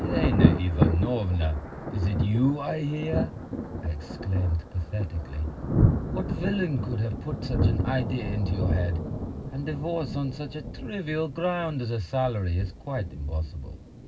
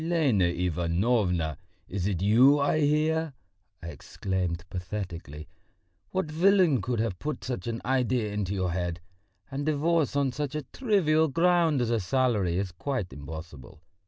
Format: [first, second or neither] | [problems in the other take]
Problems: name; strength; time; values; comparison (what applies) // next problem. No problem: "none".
second | background sound (Thunder); 1 dB below the speech // room echo; dies away in 0.4 s